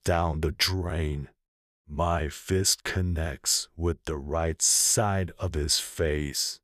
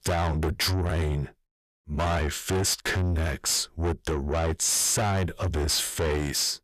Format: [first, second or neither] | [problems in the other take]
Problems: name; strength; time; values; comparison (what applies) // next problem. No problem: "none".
first | distortion; heavy; 6 dB below the speech